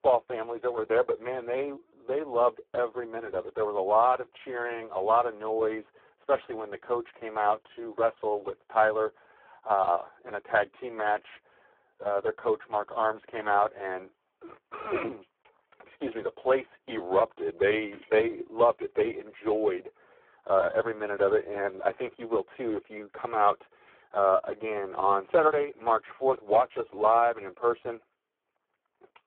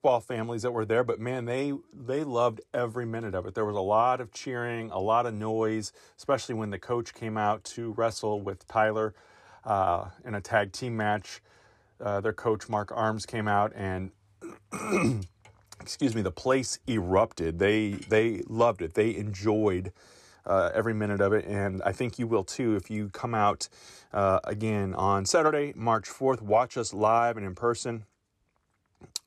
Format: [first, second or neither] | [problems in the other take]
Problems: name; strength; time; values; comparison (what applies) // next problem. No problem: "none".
second | phone-call audio; poor line